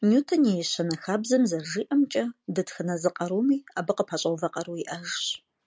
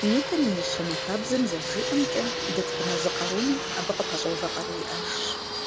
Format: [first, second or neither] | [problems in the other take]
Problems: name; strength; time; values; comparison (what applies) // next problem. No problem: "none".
first | background sound (Fixed-wing aircraft, airplane); 2 dB below the speech